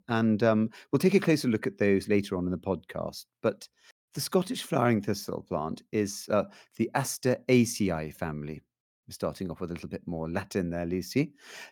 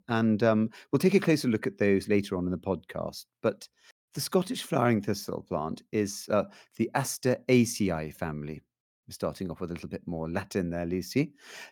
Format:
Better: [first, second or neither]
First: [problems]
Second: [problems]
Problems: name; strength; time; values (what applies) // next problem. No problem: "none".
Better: neither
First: none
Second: none